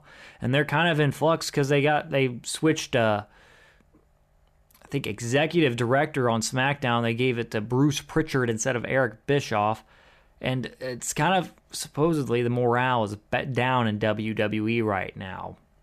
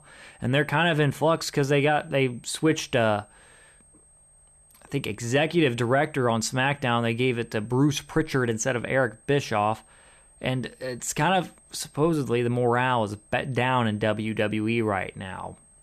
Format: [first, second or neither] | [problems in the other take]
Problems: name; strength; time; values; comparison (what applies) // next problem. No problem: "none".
first | high-pitched whine; faint; throughout; 8.5 kHz, 30 dB below the speech